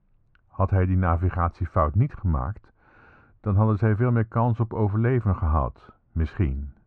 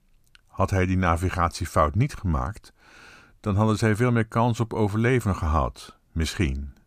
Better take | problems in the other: second | muffled; very; fading above 1 kHz

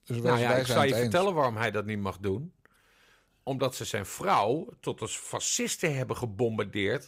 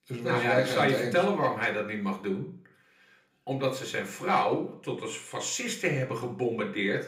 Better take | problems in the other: first | room echo; slight; dies away in 0.4 s // off-mic speech; somewhat distant

